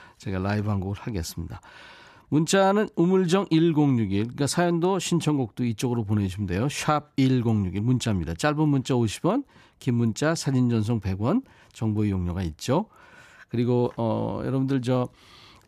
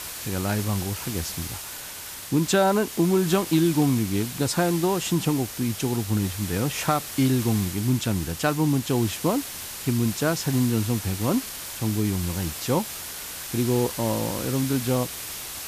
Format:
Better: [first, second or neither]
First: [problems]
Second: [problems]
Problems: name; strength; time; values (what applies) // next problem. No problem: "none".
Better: first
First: none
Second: hiss; loud; throughout; 8 dB below the speech